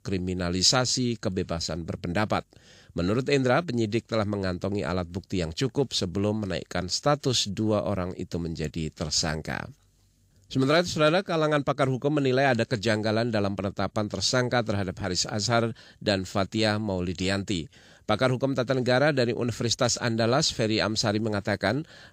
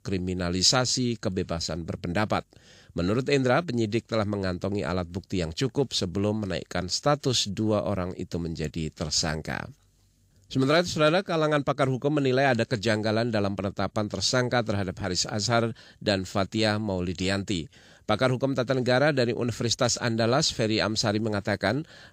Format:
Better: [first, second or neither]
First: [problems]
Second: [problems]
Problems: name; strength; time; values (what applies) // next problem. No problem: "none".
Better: neither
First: none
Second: none